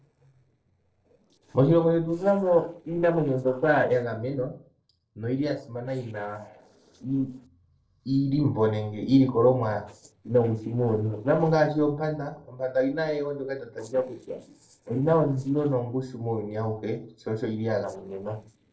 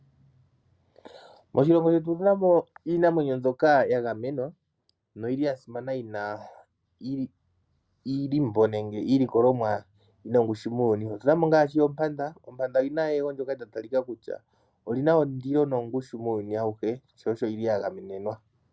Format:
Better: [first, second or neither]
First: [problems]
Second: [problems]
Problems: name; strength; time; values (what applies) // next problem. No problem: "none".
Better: second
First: noise reduction (neural separator model SepFormer DNS4)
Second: none